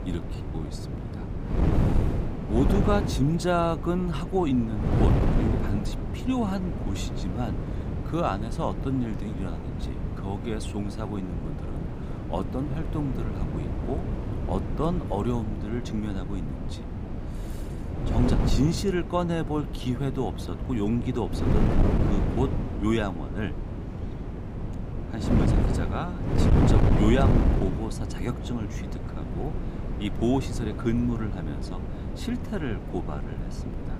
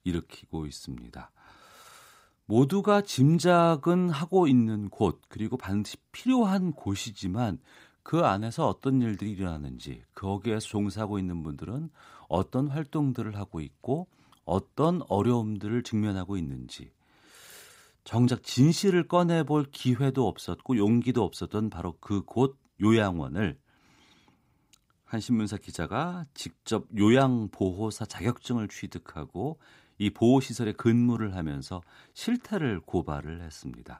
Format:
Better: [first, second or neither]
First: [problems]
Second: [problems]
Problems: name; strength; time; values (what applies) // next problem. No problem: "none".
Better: second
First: wind noise on the microphone; heavy; 4 dB below the speech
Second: none